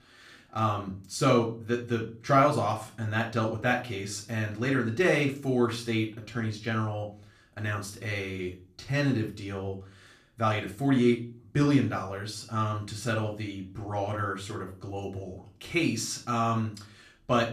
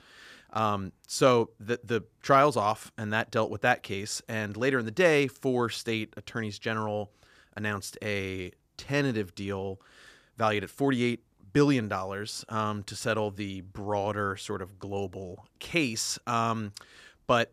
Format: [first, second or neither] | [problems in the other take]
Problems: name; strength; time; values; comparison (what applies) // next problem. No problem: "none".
second | off-mic speech; far // room echo; slight; dies away in 0.3 s